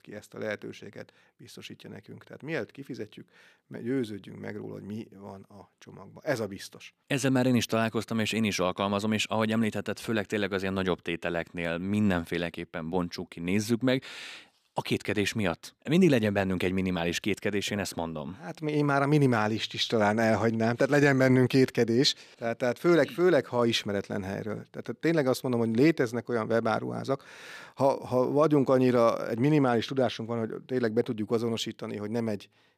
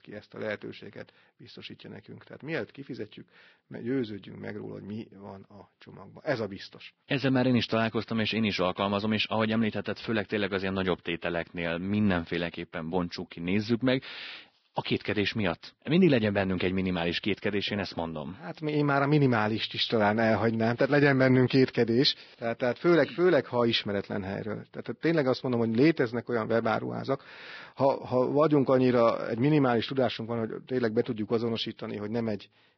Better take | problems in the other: first | garbled, watery; badly; nothing above 5.5 kHz

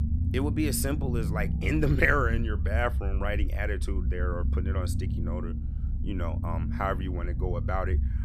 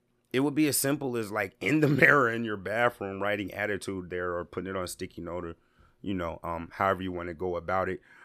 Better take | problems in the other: second | low rumble; noticeable; throughout; 15 dB below the speech

